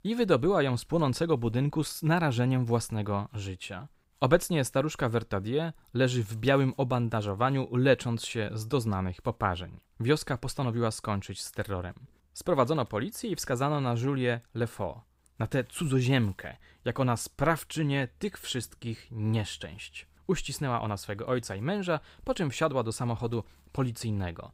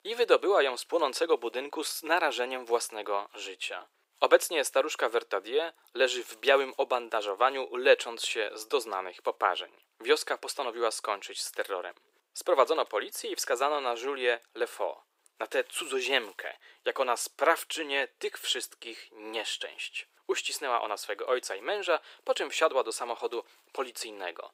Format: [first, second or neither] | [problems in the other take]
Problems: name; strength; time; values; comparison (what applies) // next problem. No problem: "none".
first | thin; very; fading below 400 Hz